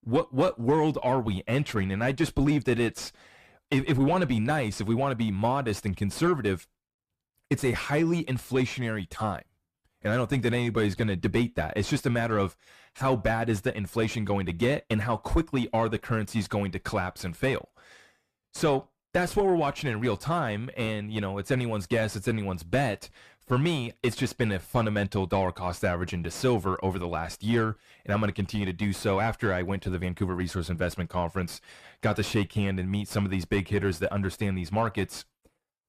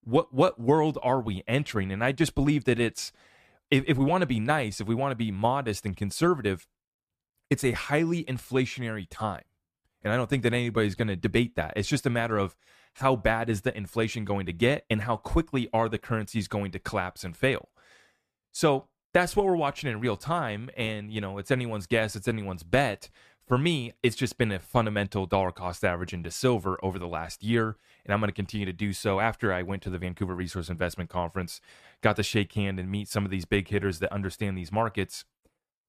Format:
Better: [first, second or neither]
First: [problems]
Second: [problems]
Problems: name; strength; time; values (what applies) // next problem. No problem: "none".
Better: second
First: distortion; slight; 10 dB below the speech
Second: none